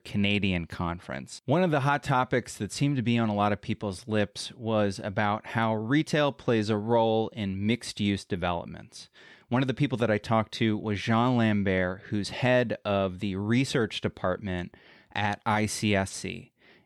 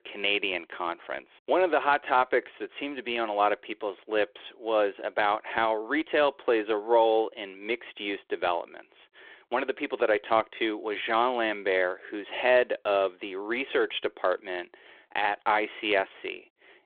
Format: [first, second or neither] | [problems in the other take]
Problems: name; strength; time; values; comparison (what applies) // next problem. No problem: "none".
first | phone-call audio